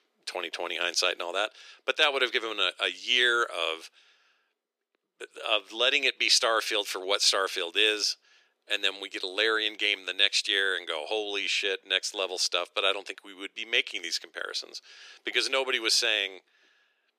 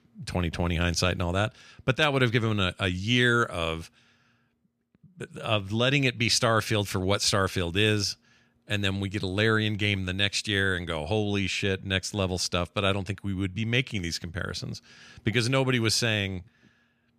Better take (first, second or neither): second